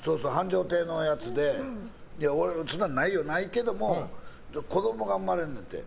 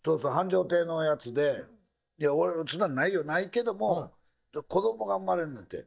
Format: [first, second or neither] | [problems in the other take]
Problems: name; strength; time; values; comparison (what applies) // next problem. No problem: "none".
first | noise reduction (neural mask model DeepFilterNet 3)